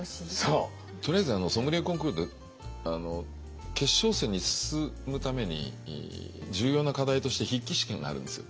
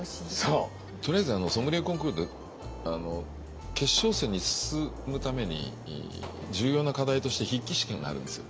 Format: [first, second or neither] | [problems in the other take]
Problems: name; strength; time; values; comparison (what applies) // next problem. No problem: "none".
first | background sound (Gunshot, gunfire); 16 dB below the speech